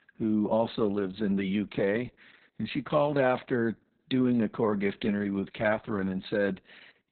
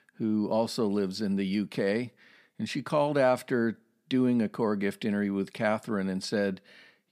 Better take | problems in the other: second | garbled, watery; badly; nothing above 4 kHz

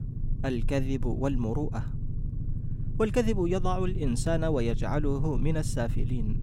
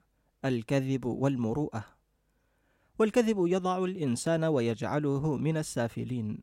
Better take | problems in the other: second | low rumble; noticeable; throughout; 15 dB below the speech

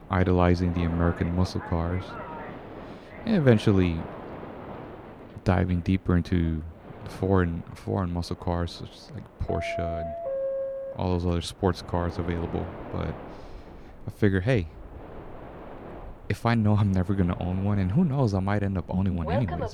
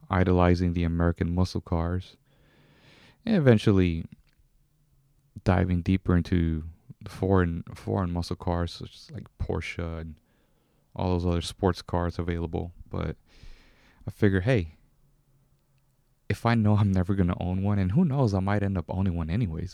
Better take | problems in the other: second | train or aircraft noise; noticeable; throughout; 10 dB below the speech

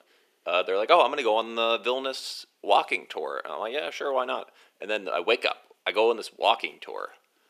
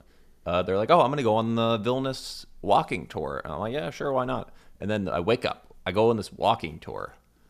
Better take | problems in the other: second | thin; somewhat; fading below 350 Hz

